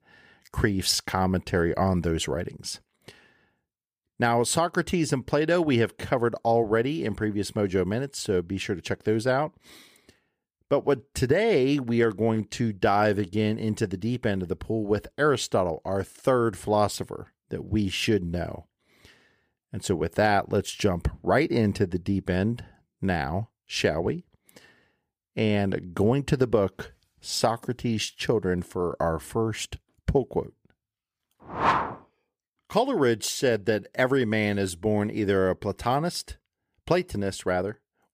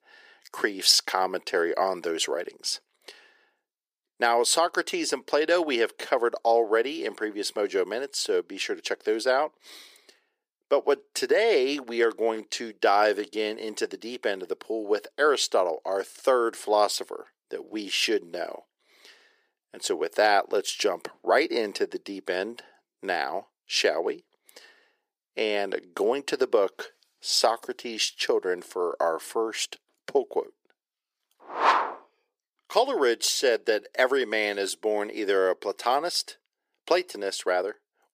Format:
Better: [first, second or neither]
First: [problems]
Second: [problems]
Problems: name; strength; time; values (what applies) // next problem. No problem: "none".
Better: first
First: none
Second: thin; very; fading below 350 Hz